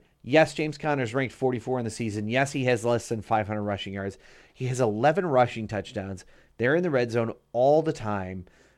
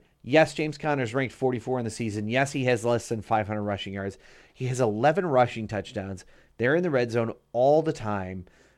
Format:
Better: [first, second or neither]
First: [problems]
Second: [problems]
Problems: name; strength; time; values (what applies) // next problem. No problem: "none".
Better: neither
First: none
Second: none